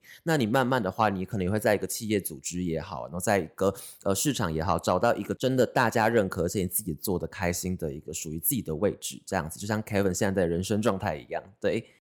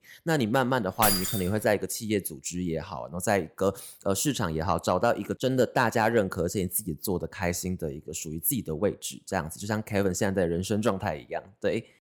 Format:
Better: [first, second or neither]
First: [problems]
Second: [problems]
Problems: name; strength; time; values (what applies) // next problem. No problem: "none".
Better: first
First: none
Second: jangling keys; loud; at 1 s; peak 4 dB above the speech